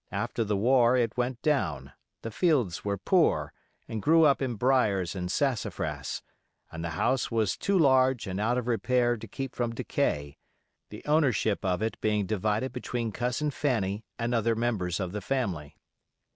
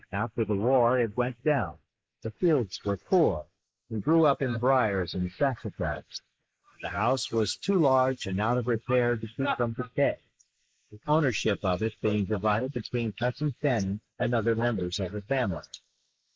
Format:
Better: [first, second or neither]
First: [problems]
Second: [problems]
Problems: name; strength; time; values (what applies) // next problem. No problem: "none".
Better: first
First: none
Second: noise reduction (neural mask model Resemble Enhance denoiser)